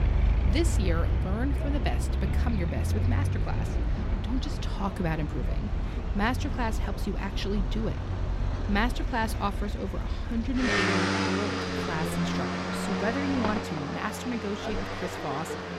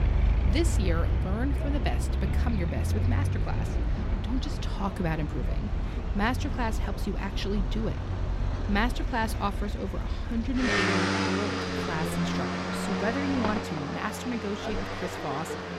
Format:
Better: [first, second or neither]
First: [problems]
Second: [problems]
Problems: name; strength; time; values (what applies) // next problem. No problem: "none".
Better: neither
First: traffic noise; very loud; throughout; 3 dB above the speech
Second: traffic noise; very loud; throughout; 3 dB above the speech